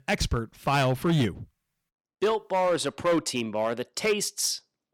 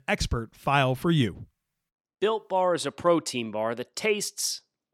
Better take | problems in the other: second | distortion; slight; 6% of the sound clipped

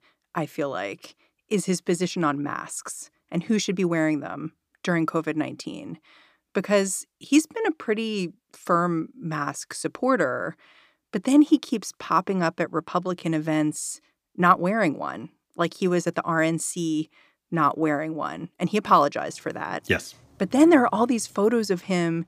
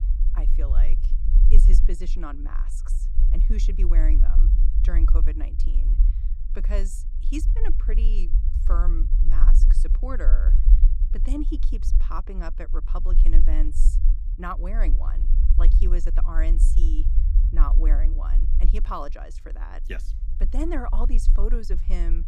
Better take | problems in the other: first | low rumble; loud; throughout; 9 dB below the speech

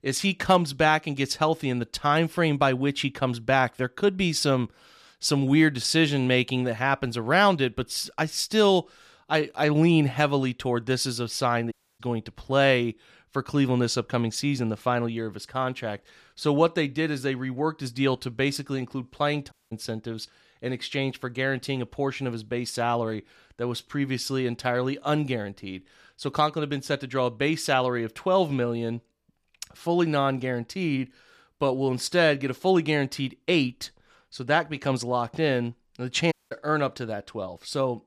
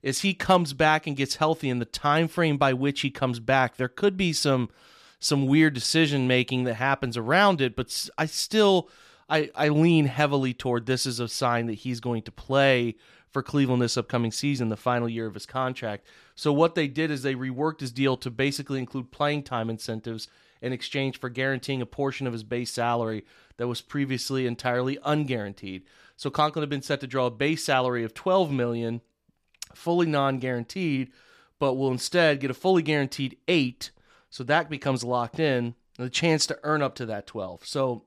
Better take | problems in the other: second | audio cutting out; at 12 s, at 20 s and at 36 s

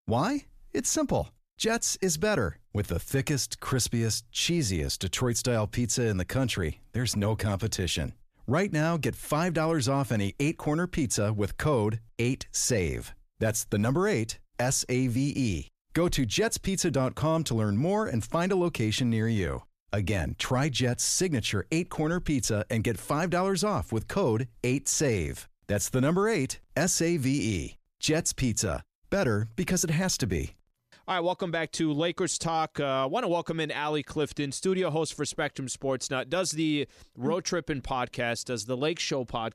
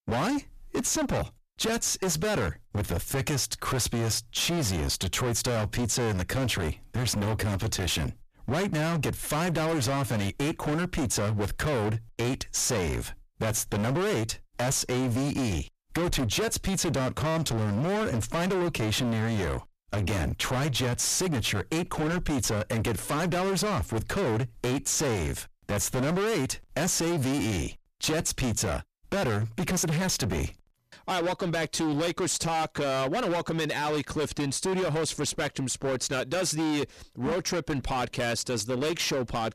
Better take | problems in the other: first | distortion; heavy; 35% of the sound clipped

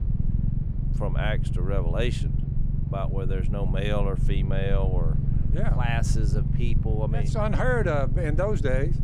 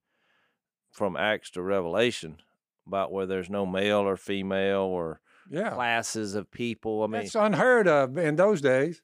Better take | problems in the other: second | low rumble; loud; throughout; 8 dB below the speech

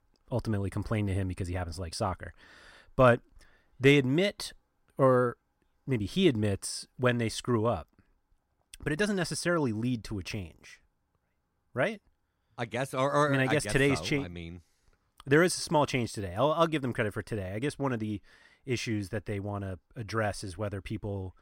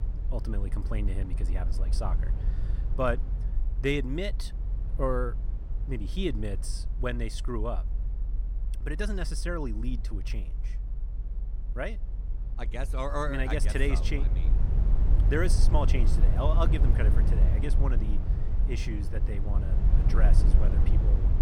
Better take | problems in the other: first | low rumble; noticeable; throughout; 10 dB below the speech

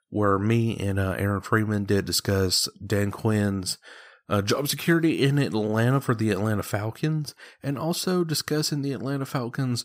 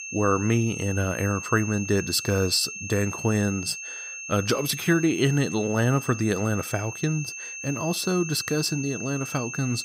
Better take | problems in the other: first | high-pitched whine; loud; throughout; 2.5 kHz, 9 dB below the speech

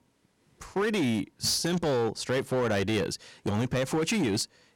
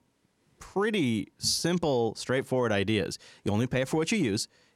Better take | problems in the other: second | distortion; slight; 13% of the sound clipped

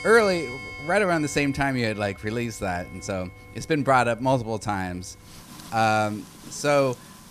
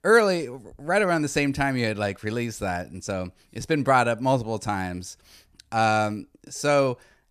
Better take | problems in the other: second | household noises; noticeable; throughout; 15 dB below the speech

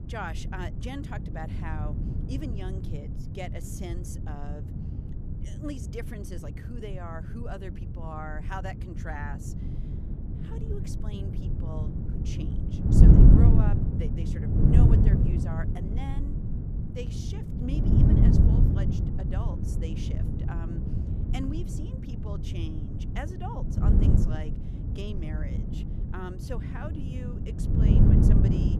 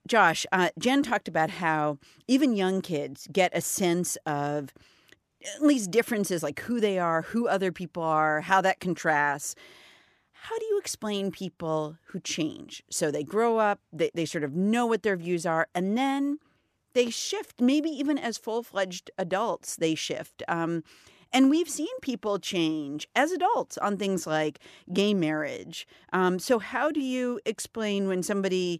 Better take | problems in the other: second | wind noise on the microphone; heavy; 4 dB above the speech

